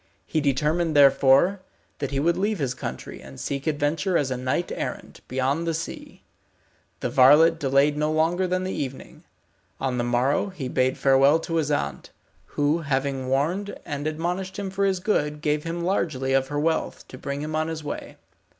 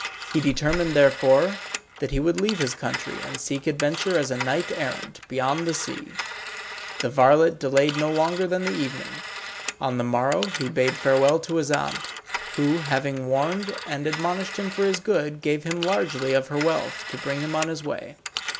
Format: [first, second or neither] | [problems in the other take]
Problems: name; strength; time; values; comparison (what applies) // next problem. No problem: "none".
first | background sound (Telephone); 10 dB below the speech